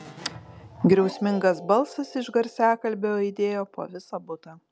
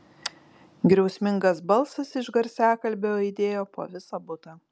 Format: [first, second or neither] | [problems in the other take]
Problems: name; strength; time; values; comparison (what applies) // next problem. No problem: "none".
second | background sound (Keyboard (musical)); 19 dB below the speech